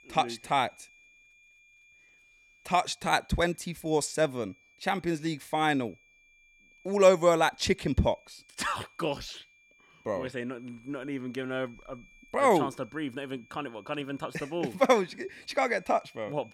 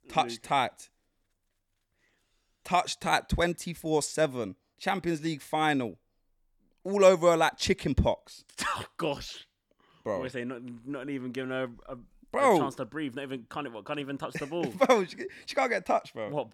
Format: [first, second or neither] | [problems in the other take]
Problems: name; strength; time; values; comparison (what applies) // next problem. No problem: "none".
second | high-pitched whine; faint; throughout; 2.5 kHz, 30 dB below the speech